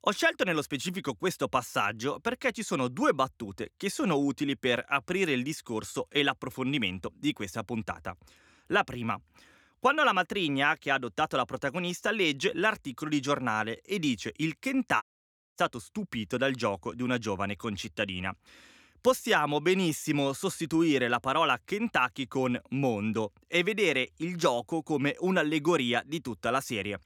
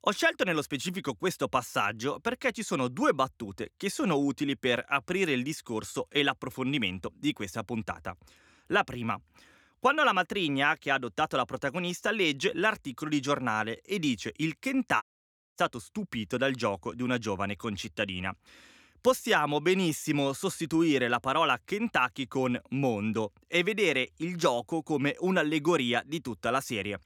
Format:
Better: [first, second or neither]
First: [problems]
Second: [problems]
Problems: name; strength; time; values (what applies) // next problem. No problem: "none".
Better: neither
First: audio cutting out; at 15 s for 0.5 s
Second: audio cutting out; at 15 s for 0.5 s